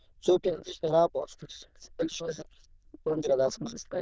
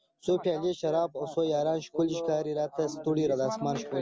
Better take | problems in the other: second | noise reduction (neural diffusion model UNIVERSE++)

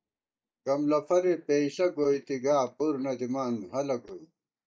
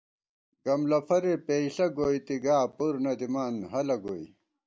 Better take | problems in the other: second | noise reduction (neural mask model DeepFilterNet 3)

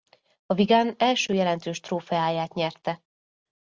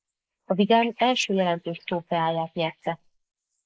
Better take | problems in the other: first | noise reduction (neural mask model Resemble Enhance denoiser)

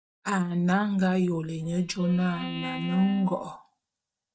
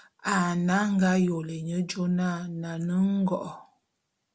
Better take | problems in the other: second | noise reduction (neural mask model DeepFilterNet 3)

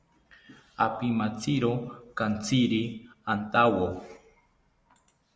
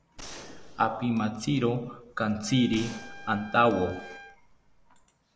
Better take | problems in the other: first | background sound (Gunshot, gunfire + Trumpet); 17 dB below the speech

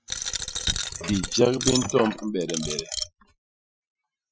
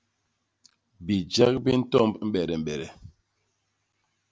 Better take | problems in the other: second | noise reduction (classical method Wiener filter)

